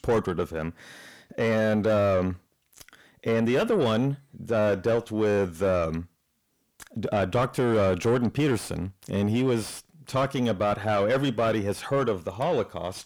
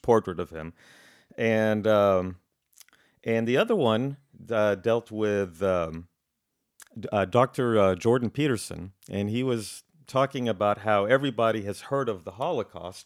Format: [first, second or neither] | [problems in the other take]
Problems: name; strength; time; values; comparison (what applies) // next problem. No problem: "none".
second | distortion; heavy; 7 dB below the speech